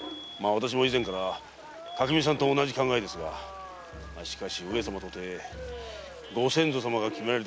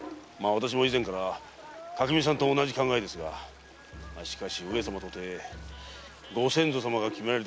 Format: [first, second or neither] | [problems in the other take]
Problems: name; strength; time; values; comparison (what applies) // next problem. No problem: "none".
second | background sound (Alarm); 17 dB below the speech